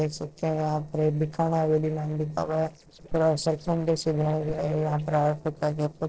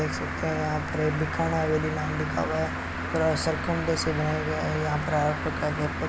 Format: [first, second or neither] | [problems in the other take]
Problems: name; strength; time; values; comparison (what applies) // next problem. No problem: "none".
second | noise reduction (neural separator model SepFormer DNS4)